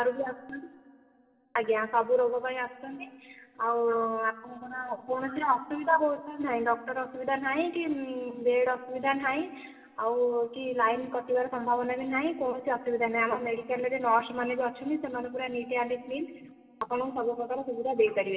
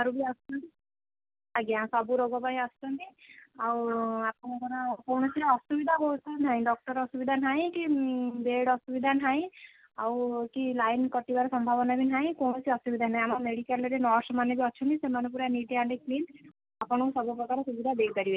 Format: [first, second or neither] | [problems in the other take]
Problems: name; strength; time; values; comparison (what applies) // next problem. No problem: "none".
second | room echo; dies away in 2.2 s